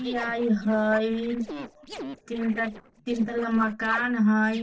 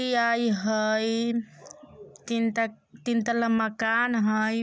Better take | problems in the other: second | noise reduction (neural separator model SepFormer DNS4)

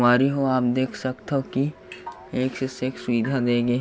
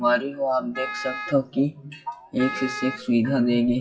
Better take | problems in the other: first | noise reduction (classical method WPE with log-MMSE)

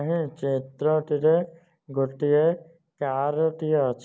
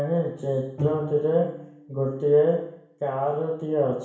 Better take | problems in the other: first | background sound (Bowed string instrument); 12 dB below the speech // room echo; dies away in 0.7 s

